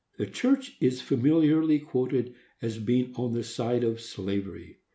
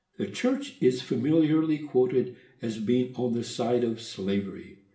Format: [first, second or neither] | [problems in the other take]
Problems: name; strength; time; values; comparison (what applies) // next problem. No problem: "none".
first | room echo; dies away in 0.5 s